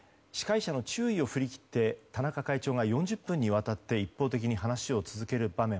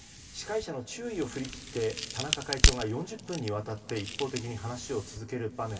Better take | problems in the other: first | background sound (Crack); 2 dB above the speech // room echo; dies away in 2.6 s

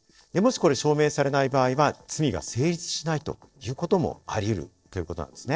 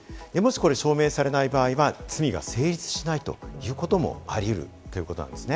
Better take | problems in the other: second | noise reduction (neural separator model SepFormer DNS4)

